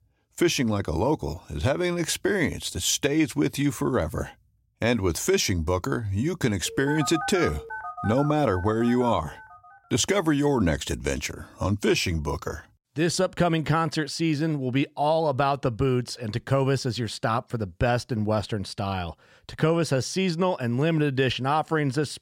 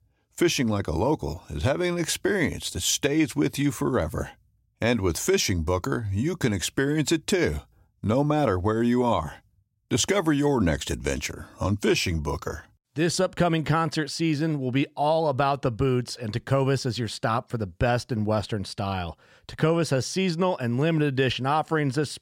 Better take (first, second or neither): second